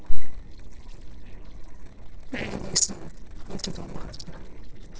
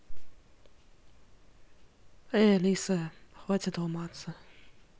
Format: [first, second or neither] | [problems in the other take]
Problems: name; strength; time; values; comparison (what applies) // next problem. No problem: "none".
second | noise reduction (neural separator model SepFormer DNS4)